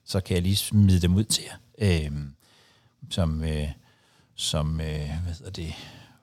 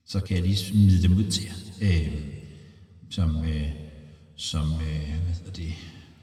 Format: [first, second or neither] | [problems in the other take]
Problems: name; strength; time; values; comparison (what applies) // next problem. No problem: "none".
first | room echo; slight; dies away in 1.9 s // off-mic speech; somewhat distant